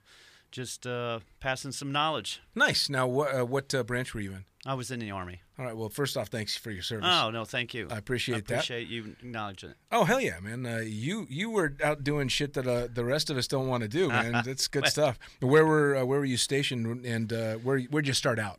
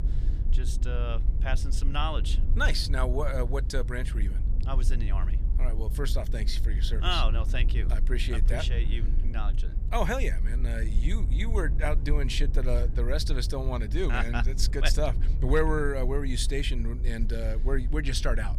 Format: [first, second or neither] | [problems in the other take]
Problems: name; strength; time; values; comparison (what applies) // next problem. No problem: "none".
first | low rumble; noticeable; throughout; 15 dB below the speech